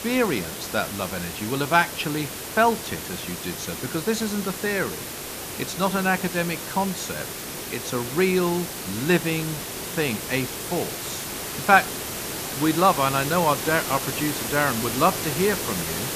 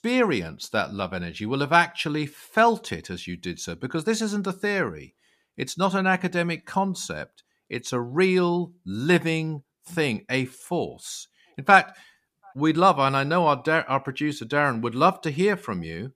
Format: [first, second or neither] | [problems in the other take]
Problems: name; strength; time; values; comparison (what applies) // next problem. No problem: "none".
second | hiss; loud; throughout; 5 dB below the speech